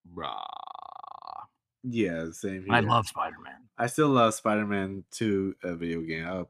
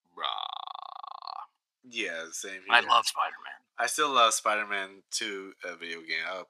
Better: first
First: none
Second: thin; very; fading below 850 Hz

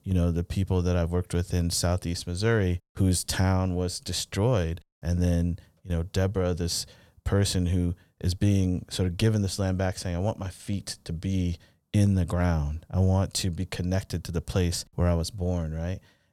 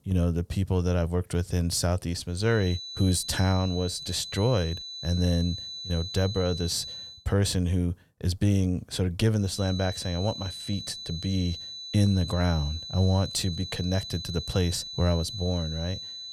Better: first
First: none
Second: high-pitched whine; loud; from 2.5 to 7 s and from 9.5 s on; 4 kHz, 8 dB below the speech

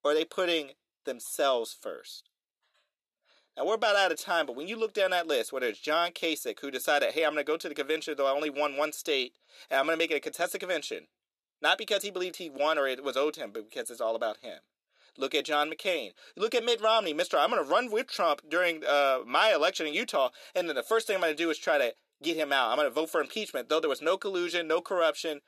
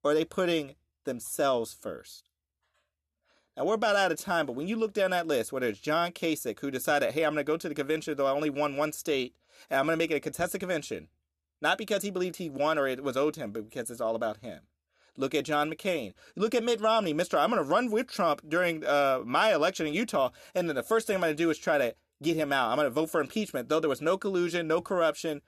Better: second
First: thin; somewhat; fading below 450 Hz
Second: none

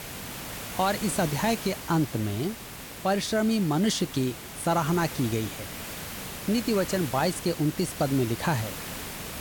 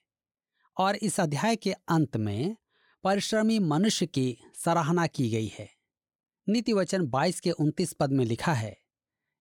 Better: second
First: hiss; loud; throughout; 9 dB below the speech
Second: none

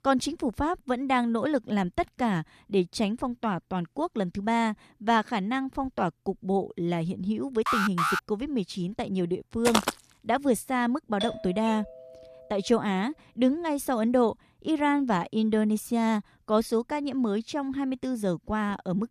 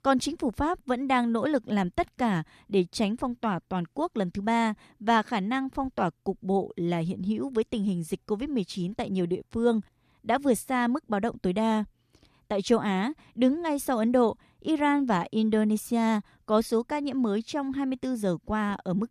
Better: second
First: alarm; loud; at 7.5 s; peak 2 dB above the speech // footsteps; loud; at 9.5 s; peak 1 dB above the speech // doorbell; noticeable; at 11 s; peak 7 dB below the speech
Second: none

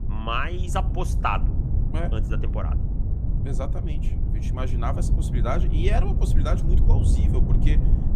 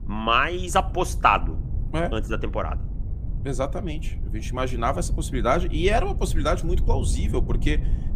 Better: second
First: low rumble; loud; throughout; 8 dB below the speech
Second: low rumble; faint; throughout; 20 dB below the speech

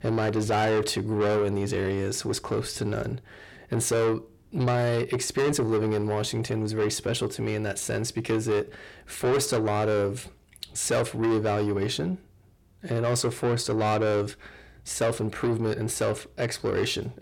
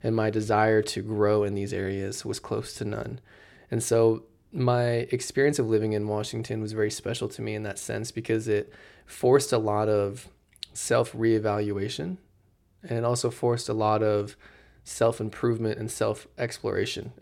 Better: second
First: distortion; heavy; 8 dB below the speech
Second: none

